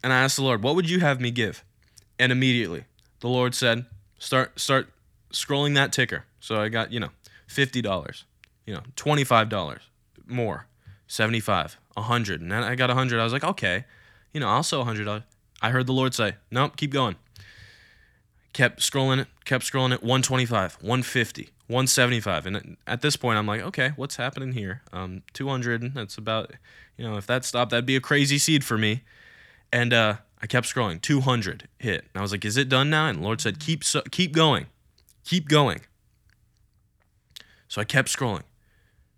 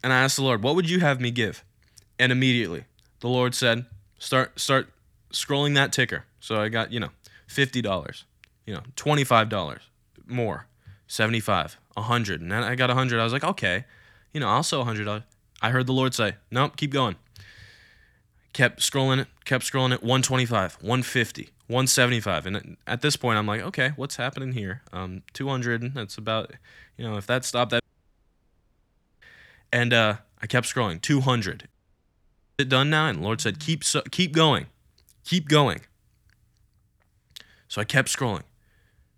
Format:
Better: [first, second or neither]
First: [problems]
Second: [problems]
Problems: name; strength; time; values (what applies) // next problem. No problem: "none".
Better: first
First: none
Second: audio cutting out; at 28 s for 1.5 s and at 32 s for 1 s